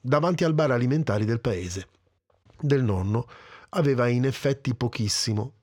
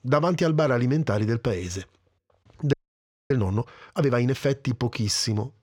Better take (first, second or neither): first